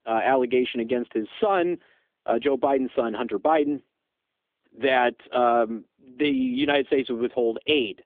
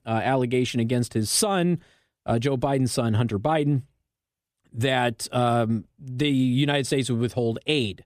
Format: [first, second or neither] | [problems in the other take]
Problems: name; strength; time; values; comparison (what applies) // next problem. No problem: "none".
second | phone-call audio; nothing above 3.5 kHz